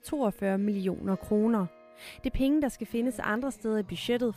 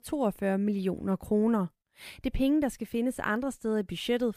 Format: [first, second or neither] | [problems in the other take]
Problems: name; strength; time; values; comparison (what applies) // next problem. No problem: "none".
second | background music; faint; throughout; 25 dB below the speech